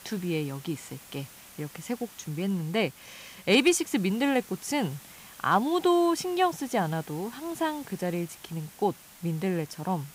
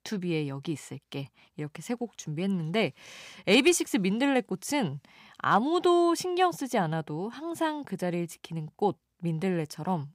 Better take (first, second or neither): second